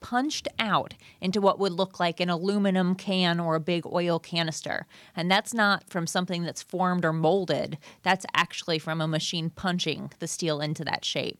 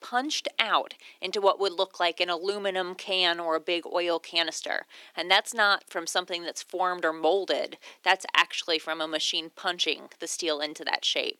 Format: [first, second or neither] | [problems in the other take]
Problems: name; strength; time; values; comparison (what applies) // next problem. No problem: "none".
first | thin; very; fading below 300 Hz